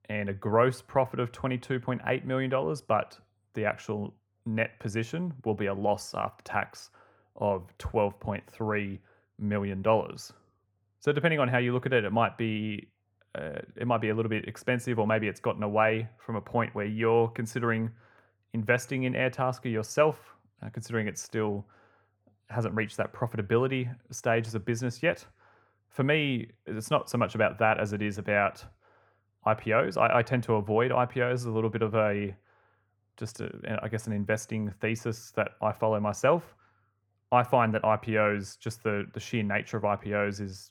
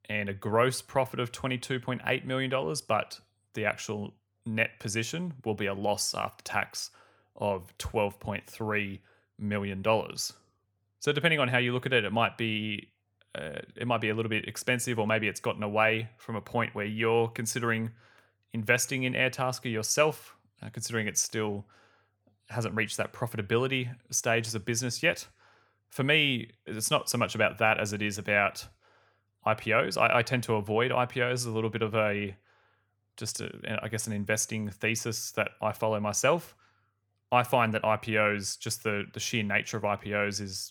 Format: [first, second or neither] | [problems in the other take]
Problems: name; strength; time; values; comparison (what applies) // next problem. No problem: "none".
second | muffled; slightly; fading above 2.5 kHz